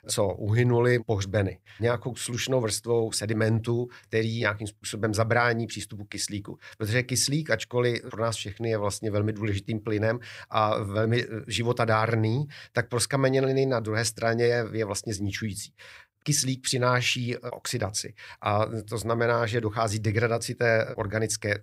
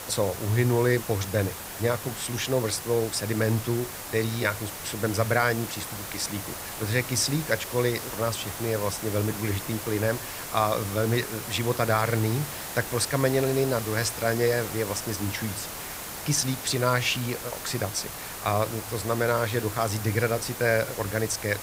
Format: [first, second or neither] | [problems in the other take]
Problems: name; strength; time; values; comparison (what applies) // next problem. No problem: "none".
first | hiss; loud; throughout; 8 dB below the speech